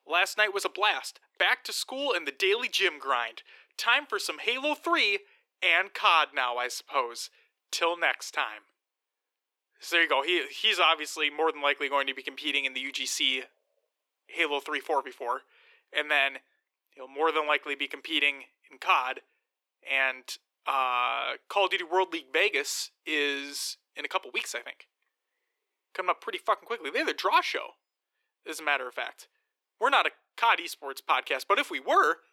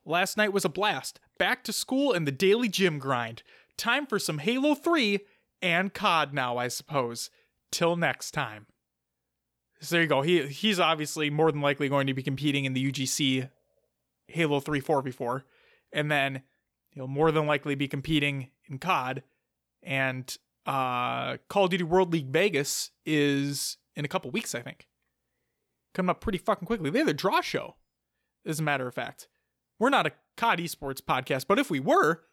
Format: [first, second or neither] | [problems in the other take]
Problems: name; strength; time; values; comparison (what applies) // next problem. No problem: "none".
second | thin; very; fading below 350 Hz